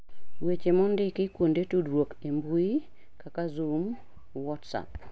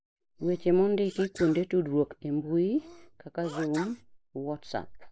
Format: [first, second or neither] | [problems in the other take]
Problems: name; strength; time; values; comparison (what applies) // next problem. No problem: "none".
first | noise reduction (neural mask model Resemble Enhance denoiser)